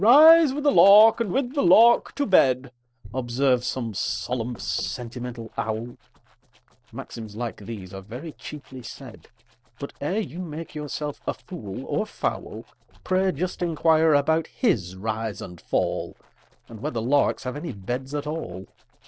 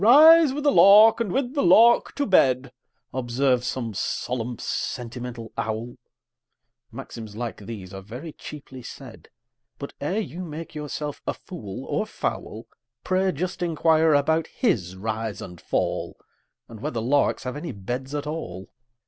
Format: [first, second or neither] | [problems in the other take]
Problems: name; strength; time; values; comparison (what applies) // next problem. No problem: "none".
second | noise reduction (neural separator model SepFormer DNS4)